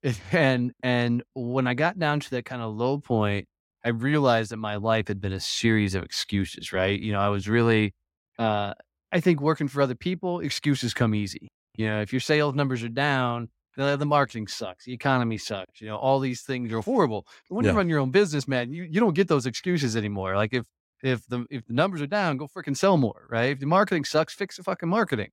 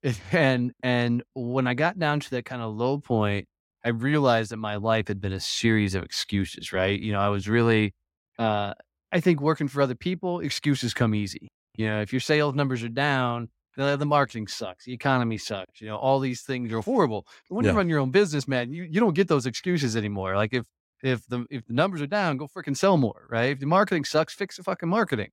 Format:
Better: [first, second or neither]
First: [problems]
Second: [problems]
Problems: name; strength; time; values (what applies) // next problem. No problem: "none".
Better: neither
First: none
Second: none